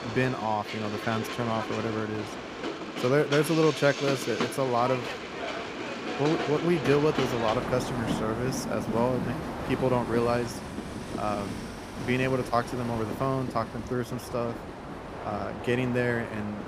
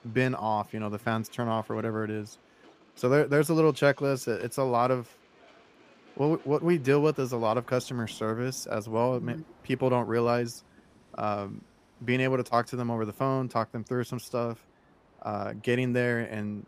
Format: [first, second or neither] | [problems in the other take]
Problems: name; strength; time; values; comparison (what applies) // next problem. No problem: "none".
second | train or aircraft noise; loud; throughout; 6 dB below the speech; faint in the second